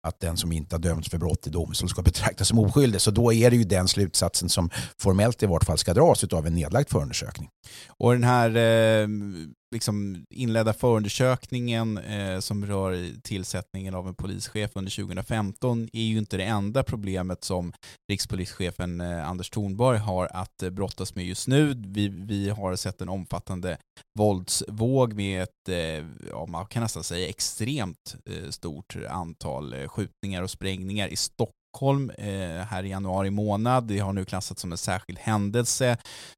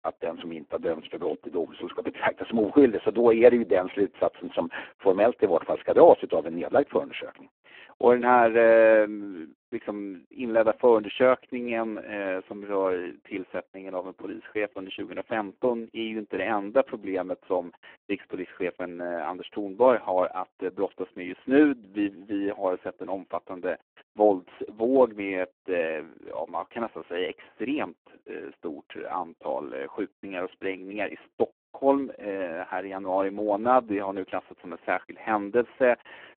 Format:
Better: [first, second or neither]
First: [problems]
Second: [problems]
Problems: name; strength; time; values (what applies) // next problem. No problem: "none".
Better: first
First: none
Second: phone-call audio; poor line